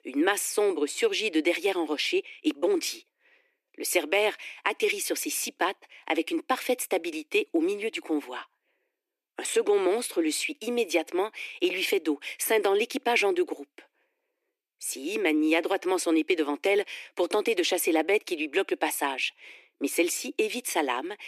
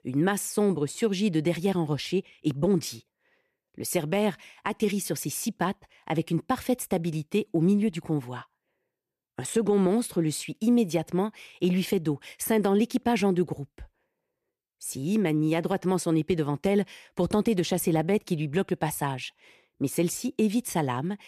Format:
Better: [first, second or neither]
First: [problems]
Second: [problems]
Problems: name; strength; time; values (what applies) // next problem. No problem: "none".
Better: second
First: thin; somewhat; fading below 300 Hz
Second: none